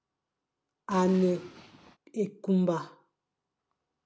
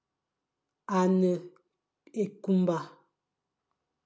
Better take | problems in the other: second | background sound (Explosion); 17 dB below the speech

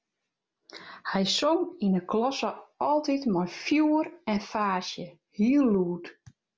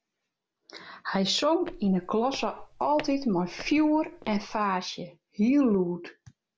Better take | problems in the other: first | background sound (Walk, footsteps); 16 dB below the speech

